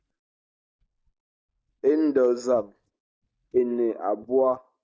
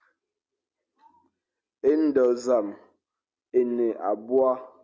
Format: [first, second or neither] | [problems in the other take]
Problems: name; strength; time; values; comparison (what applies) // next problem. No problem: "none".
second | noise reduction (neural mask model DeepFilterNet 3)